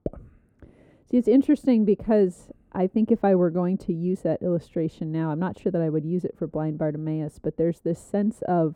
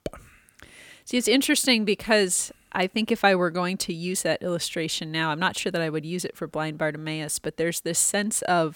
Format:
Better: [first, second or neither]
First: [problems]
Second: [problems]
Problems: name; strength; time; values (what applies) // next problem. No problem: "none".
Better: second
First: muffled; very; fading above 1 kHz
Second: none